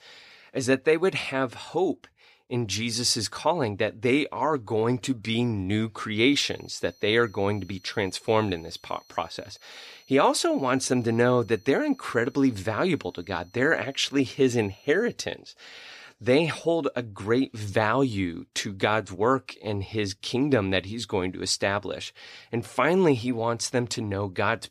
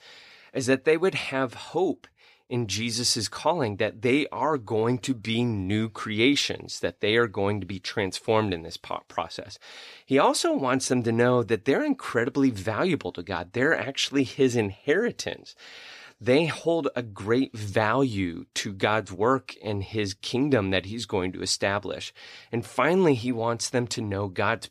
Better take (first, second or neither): second